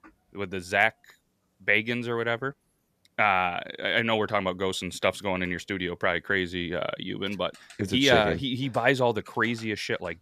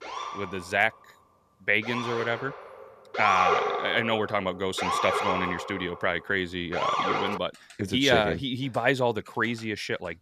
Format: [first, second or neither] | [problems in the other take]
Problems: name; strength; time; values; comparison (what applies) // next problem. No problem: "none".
first | siren; loud; until 7.5 s; peak 4 dB above the speech